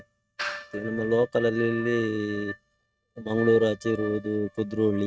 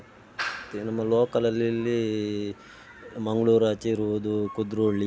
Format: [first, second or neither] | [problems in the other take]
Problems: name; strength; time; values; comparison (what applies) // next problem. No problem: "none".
second | noise reduction (neural mask model RNNoise)